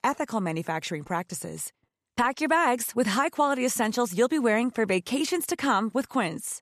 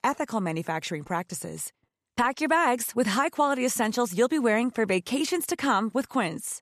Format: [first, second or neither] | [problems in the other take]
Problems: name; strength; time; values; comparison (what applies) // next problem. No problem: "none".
neither | none